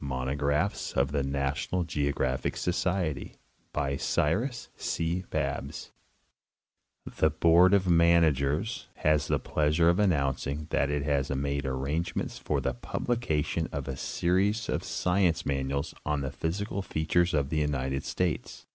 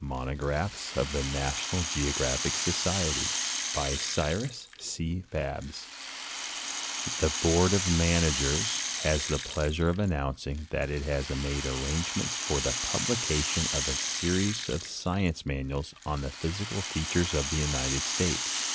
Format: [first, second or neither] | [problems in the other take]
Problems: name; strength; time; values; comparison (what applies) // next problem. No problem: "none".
first | background sound (Rattle (instrument)); 3 dB below the speech